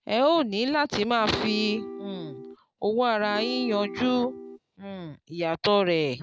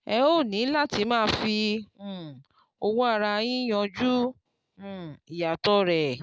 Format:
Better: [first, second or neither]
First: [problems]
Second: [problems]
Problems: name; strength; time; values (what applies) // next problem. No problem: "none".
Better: second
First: background sound (Acoustic guitar / Strum); 10 dB below the speech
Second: none